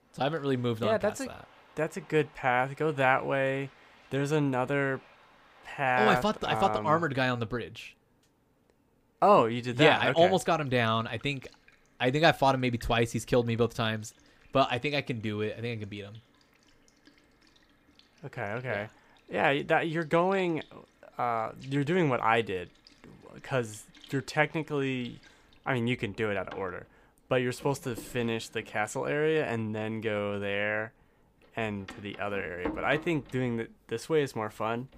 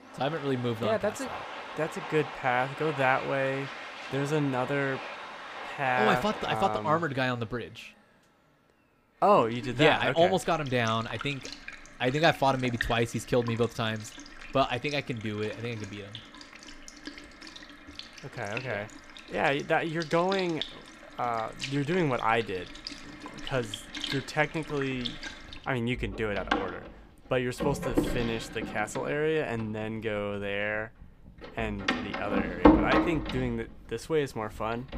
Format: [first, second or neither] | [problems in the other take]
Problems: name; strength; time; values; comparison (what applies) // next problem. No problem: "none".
first | household noises; loud; throughout; 6 dB below the speech; faint in the first